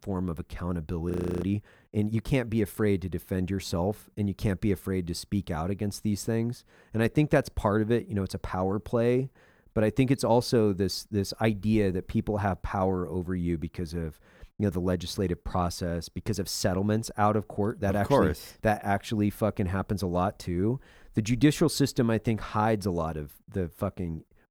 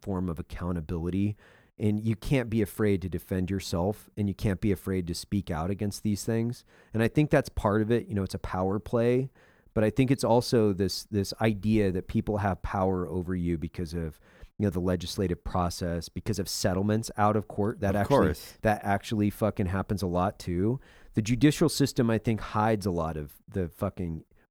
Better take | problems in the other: second | audio freezing; at 1 s

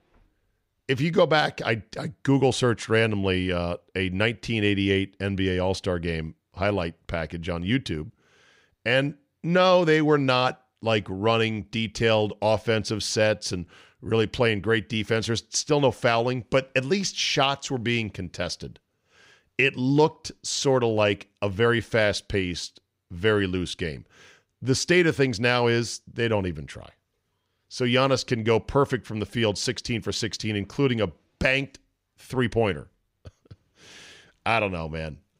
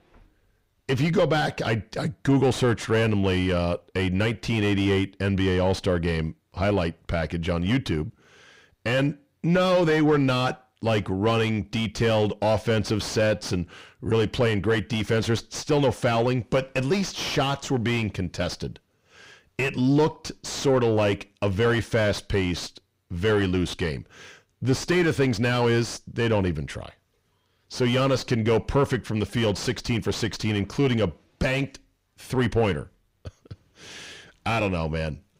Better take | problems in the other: first | distortion; heavy; 6 dB below the speech

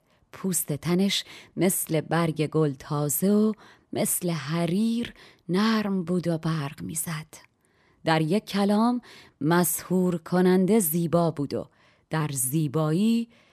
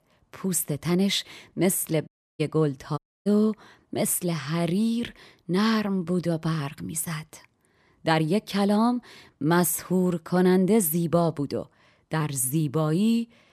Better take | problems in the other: first | audio cutting out; at 2 s and at 3 s

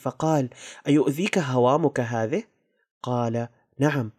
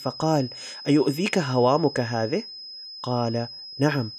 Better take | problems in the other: first | high-pitched whine; noticeable; throughout; 5 kHz, 10 dB below the speech

